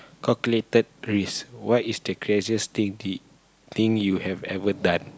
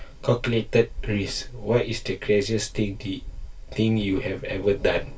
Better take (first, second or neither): first